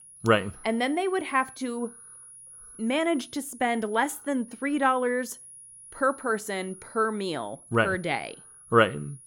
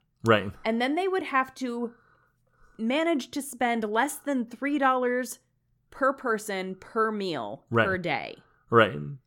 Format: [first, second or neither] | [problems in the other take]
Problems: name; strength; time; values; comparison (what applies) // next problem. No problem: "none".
second | high-pitched whine; noticeable; throughout; 10.5 kHz, 20 dB below the speech